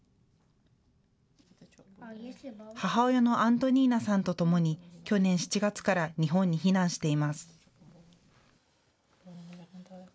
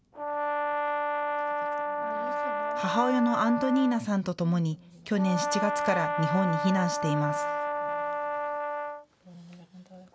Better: first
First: none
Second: background sound (Brass instrument); 1 dB below the speech

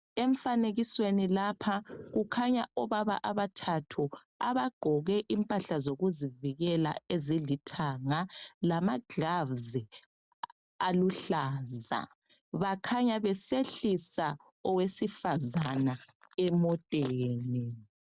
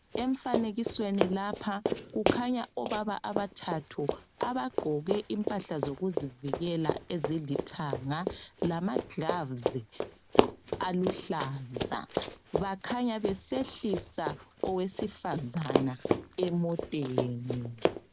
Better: first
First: none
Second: background sound (Run); 1 dB below the speech

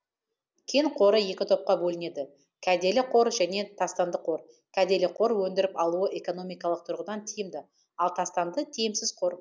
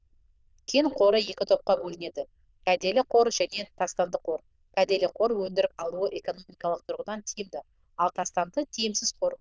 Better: first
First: none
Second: noise reduction (neural diffusion model UNIVERSE++)

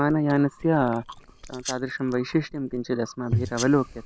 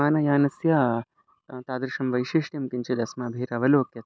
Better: second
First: background sound (Chewing, mastication + Domestic sounds, home sounds); 10 dB below the speech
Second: none

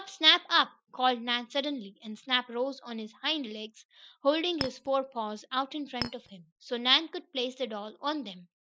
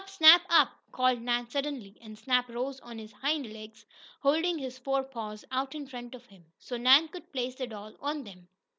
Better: second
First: noise reduction (classical method Wiener filter)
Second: none

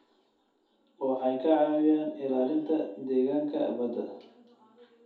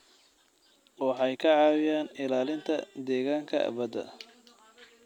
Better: second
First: room echo; dies away in 0.5 s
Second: none

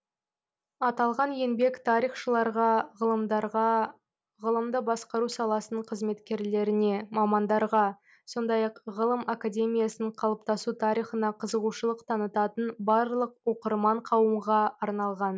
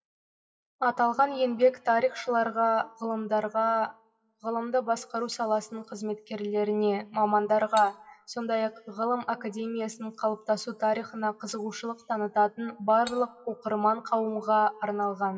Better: first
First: none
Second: noise reduction (classical method WPE with log-MMSE)

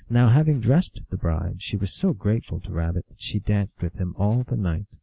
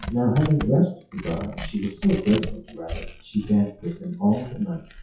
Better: first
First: none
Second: noise reduction (classical method WPE with log-MMSE)

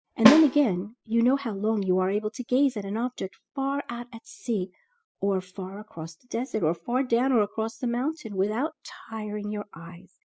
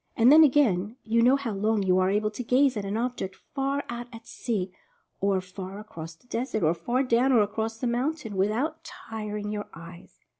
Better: second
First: noise reduction (classical method spectral subtraction)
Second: none

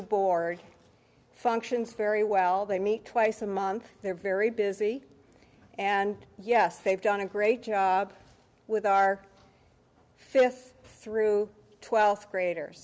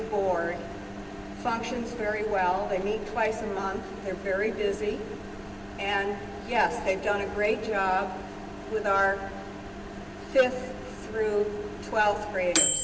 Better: first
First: none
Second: background sound (Microwave oven); 7 dB below the speech // room echo; dies away in 2.2 s

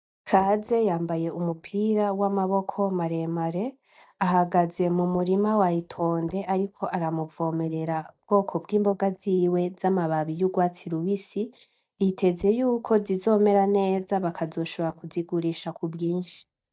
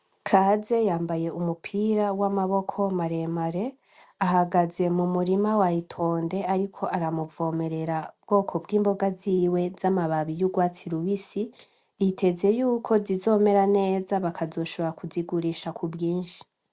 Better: second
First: noise reduction (neural mask model DeepFilterNet 3)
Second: none

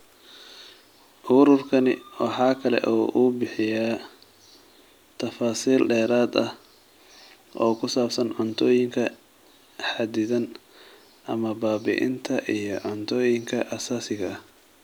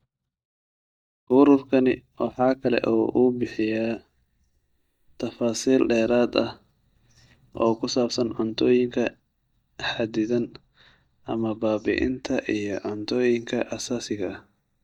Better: first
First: none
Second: noise reduction (neural mask model DeepFilterNet 3)

